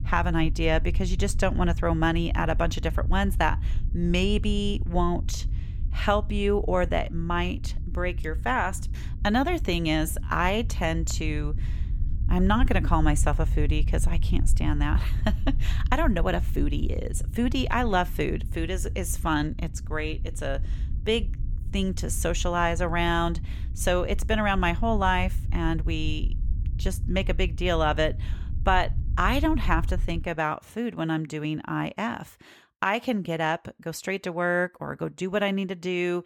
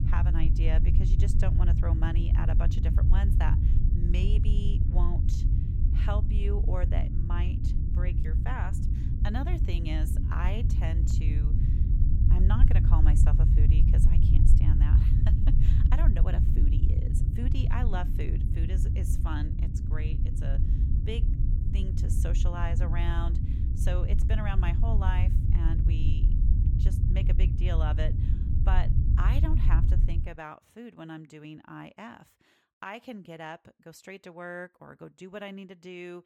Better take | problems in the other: first | low rumble; loud; until 30 s; 2 dB below the speech; faint in the first

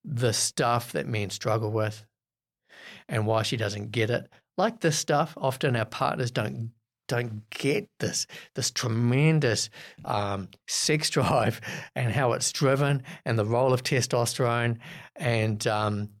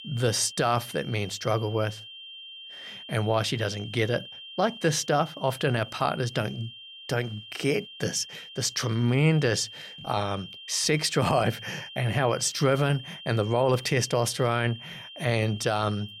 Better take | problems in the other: first | high-pitched whine; noticeable; throughout; 3 kHz, 15 dB below the speech

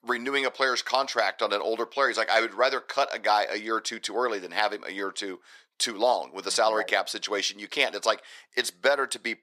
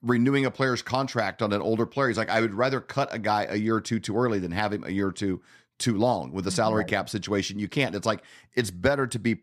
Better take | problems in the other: second | thin; very; fading below 500 Hz

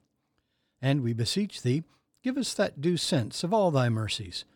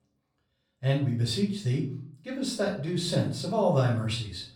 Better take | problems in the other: first | off-mic speech; far // room echo; slight; dies away in 0.4 s

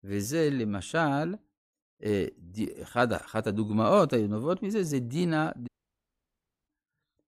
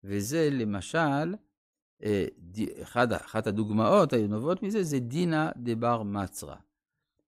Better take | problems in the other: second | audio cutting out; at 5.5 s for 1 s

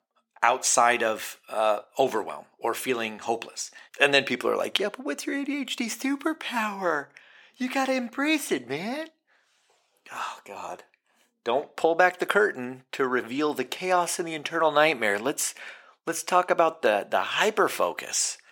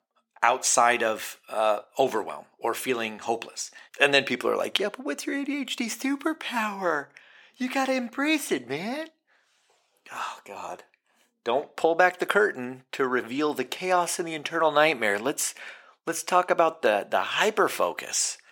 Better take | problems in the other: neither | thin; somewhat; fading below 450 Hz; the same in both

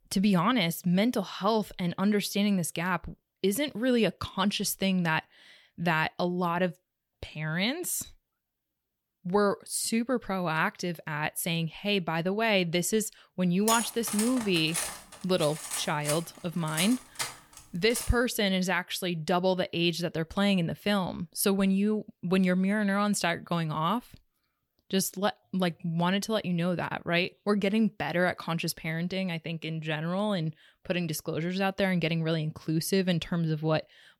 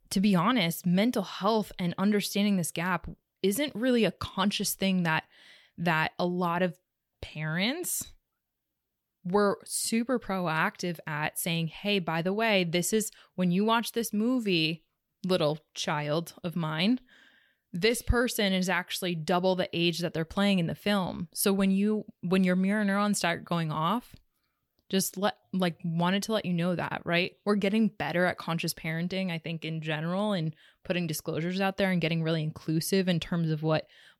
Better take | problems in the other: second | clattering dishes; noticeable; from 14 to 18 s; peak 2 dB below the speech

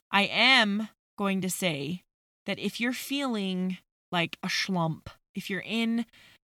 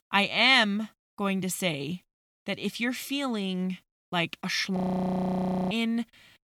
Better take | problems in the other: first | audio freezing; at 5 s for 1 s

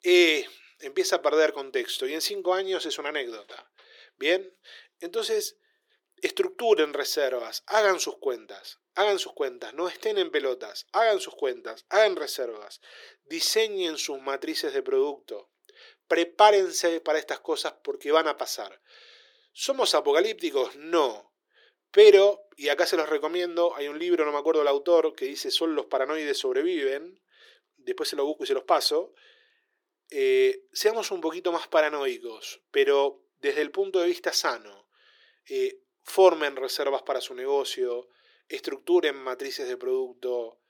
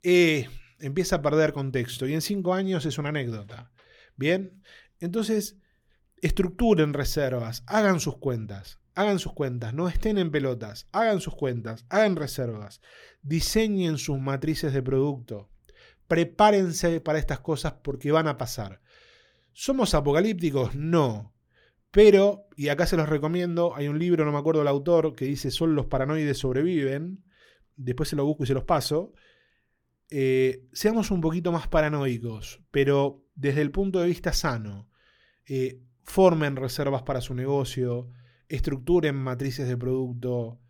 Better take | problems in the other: second | thin; very; fading below 350 Hz

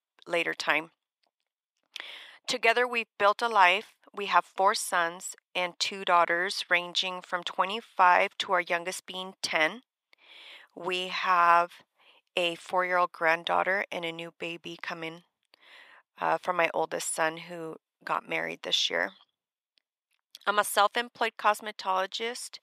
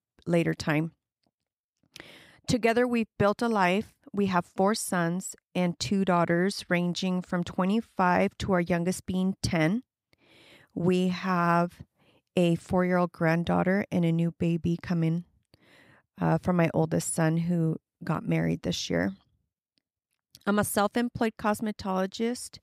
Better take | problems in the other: second | thin; very; fading below 600 Hz

